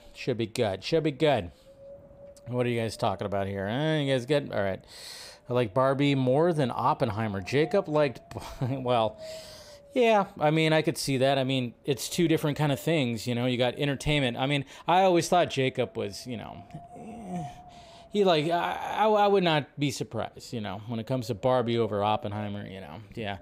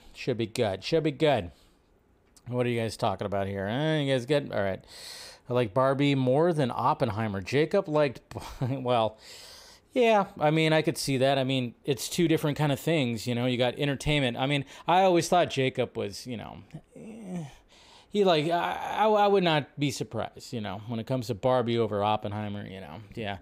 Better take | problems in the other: second | wind noise on the microphone; occasional gusts; 20 dB below the speech

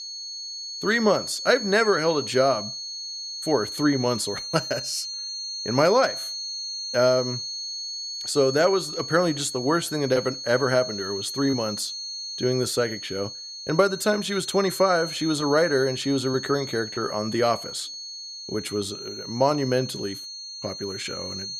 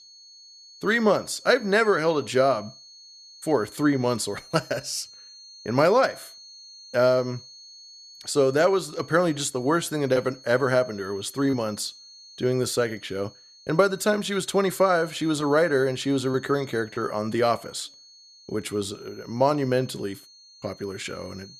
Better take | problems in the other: second | high-pitched whine; loud; throughout; 4.5 kHz, 7 dB below the speech; faint in the second

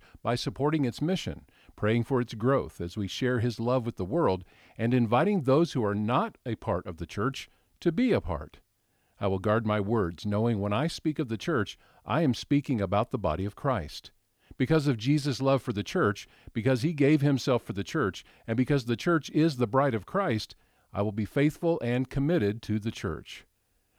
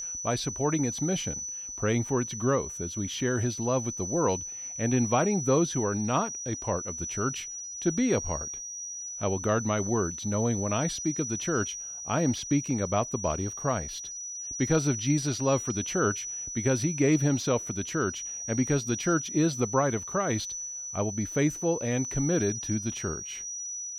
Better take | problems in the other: first | high-pitched whine; loud; throughout; 6 kHz, 5 dB below the speech

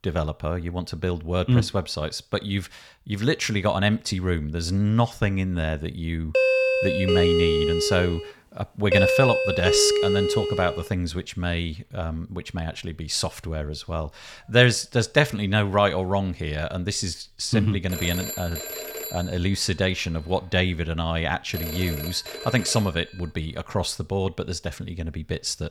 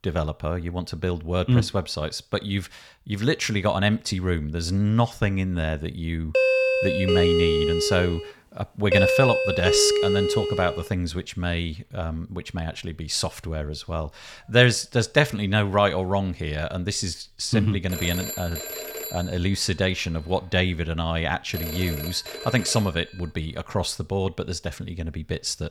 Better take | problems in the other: neither | doorbell; loud; from 6.5 to 11 s; peak 5 dB above the speech; the same in both // phone ringing; noticeable; from 18 to 23 s; peak 5 dB below the speech; the same in both

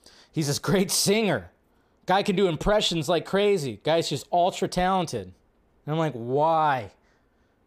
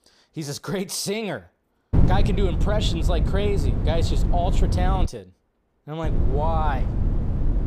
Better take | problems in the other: first | wind noise on the microphone; heavy; from 2 to 5 s and from 6 s on; 7 dB below the speech

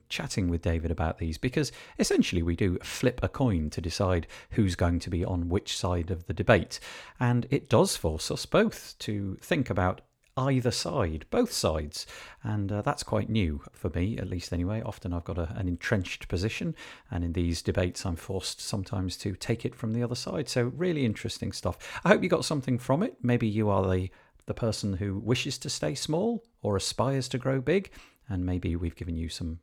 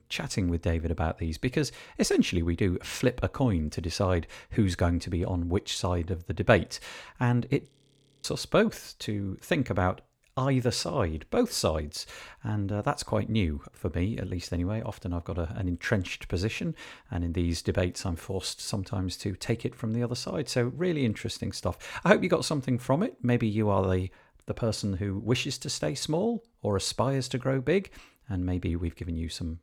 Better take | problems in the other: first | audio freezing; at 7.5 s for 0.5 s

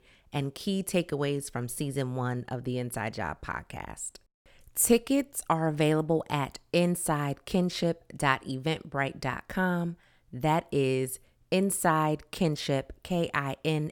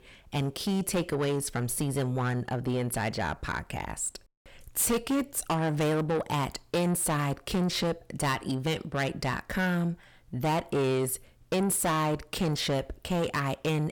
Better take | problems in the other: first | distortion; heavy; 6 dB below the speech

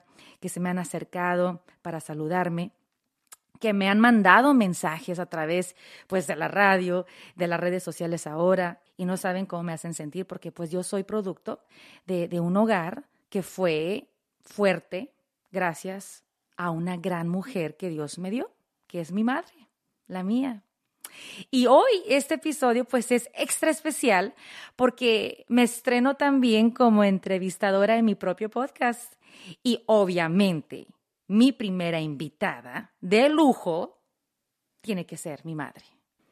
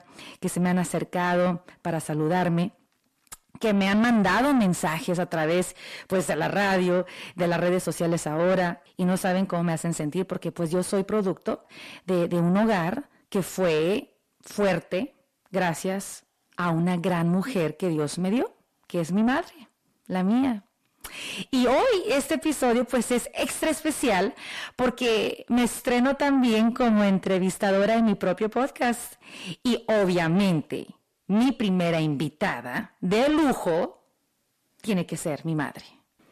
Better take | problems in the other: first | distortion; heavy; 5 dB below the speech

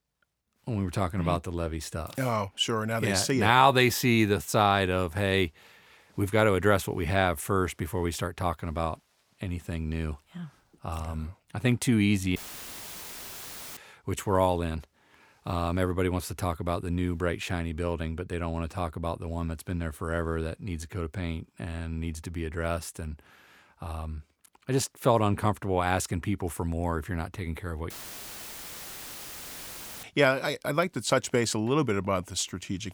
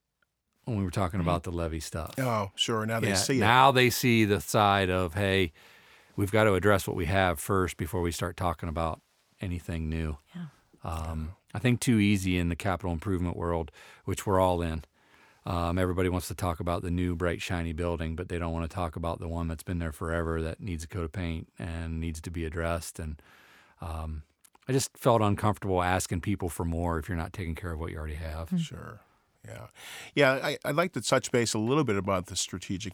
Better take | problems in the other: second | audio cutting out; filled with static; at 12 s for 1.5 s and at 28 s for 2 s

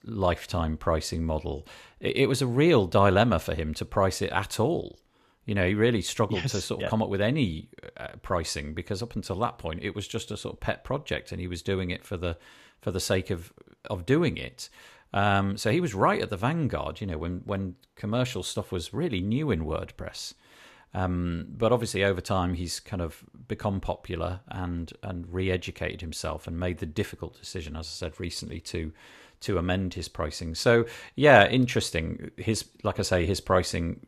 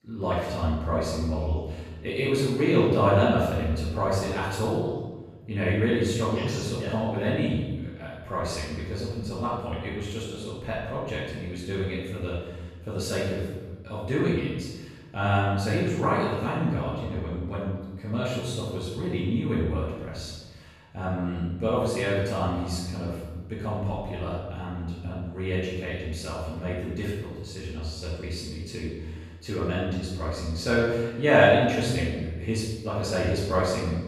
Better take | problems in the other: first | off-mic speech; far // room echo; strong; dies away in 1.2 s

